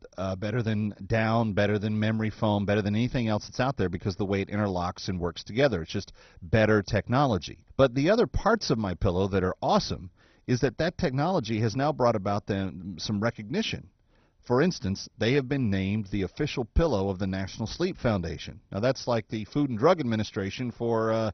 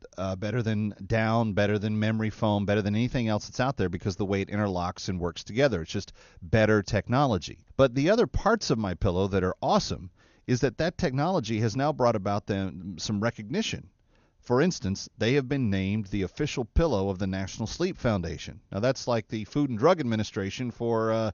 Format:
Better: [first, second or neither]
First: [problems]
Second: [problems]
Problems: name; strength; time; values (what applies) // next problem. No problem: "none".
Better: second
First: garbled, watery; badly; nothing above 6 kHz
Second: garbled, watery; slightly; nothing above 6.5 kHz